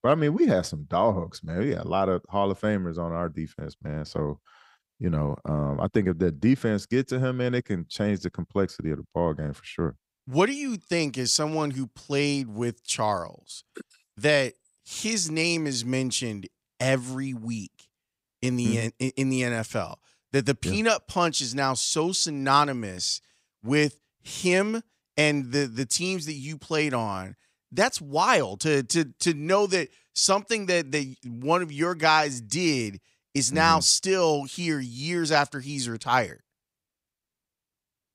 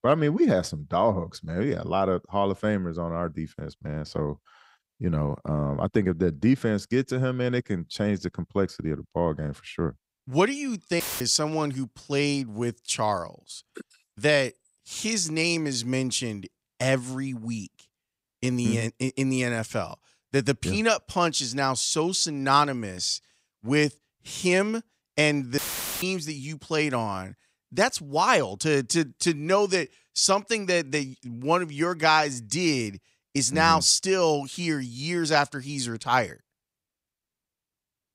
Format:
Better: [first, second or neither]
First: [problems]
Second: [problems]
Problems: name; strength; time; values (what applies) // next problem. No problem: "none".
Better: first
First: none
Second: audio cutting out; filled with static; at 11 s and at 26 s